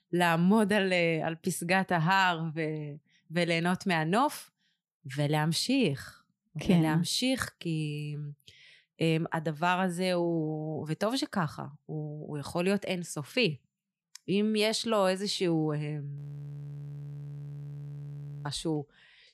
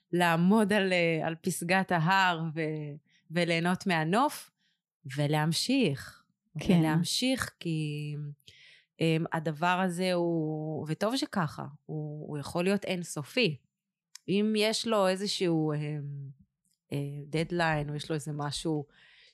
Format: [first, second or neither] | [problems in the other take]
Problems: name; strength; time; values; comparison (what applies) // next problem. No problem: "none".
second | audio freezing; at 16 s for 2.5 s